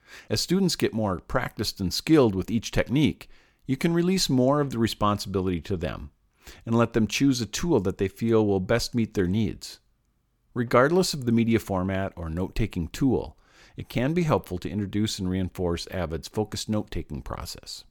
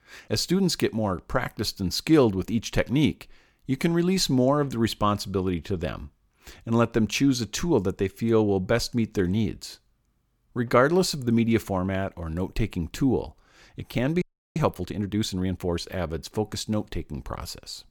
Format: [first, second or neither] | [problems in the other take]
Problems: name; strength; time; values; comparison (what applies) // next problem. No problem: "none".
first | audio freezing; at 14 s